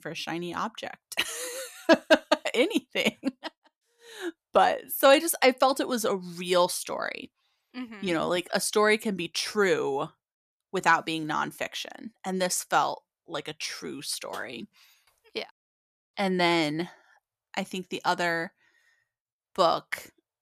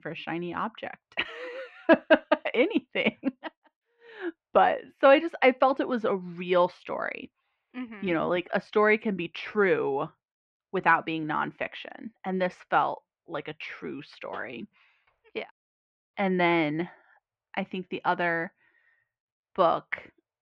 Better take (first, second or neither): first